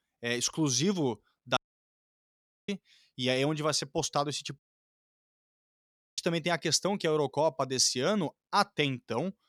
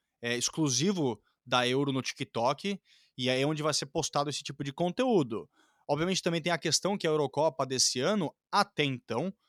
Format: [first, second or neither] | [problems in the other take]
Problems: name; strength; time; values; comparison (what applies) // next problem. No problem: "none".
second | audio cutting out; at 1.5 s for 1 s and at 4.5 s for 1.5 s